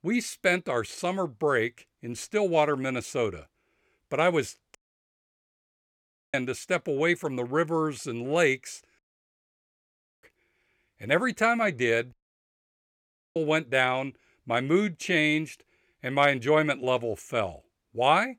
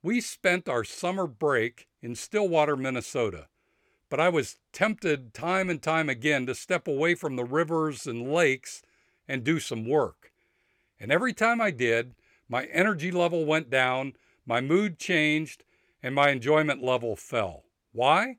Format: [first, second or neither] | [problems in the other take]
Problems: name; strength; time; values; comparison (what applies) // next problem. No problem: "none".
second | audio cutting out; at 5 s for 1.5 s, at 9 s for 1 s and at 12 s for 1 s